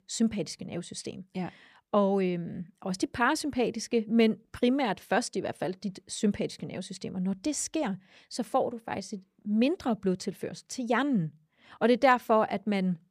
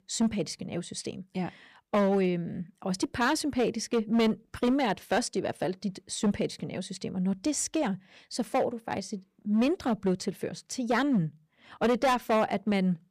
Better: first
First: none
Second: distortion; slight; 5% of the sound clipped

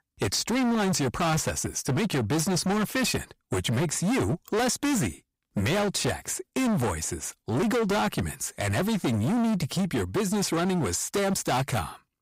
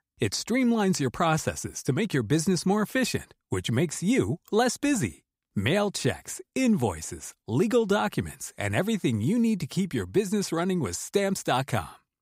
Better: second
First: distortion; heavy; 27% of the sound clipped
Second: none

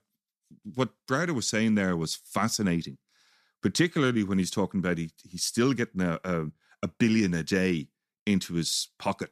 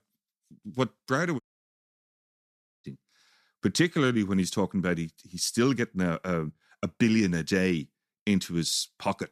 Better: first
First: none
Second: audio cutting out; at 1.5 s for 1.5 s

